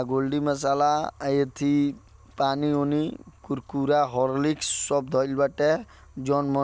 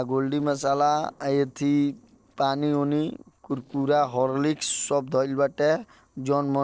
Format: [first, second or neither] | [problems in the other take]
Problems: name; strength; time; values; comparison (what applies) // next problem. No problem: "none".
first | noise reduction (neural separator model SepFormer DNS4)